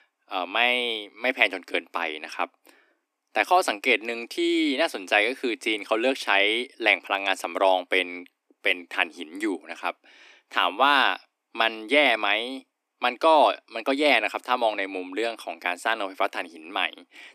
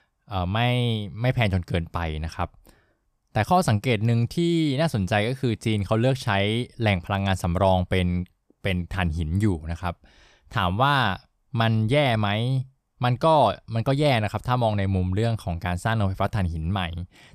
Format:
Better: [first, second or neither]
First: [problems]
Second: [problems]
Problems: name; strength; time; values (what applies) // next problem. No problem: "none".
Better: second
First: thin; very; fading below 250 Hz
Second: none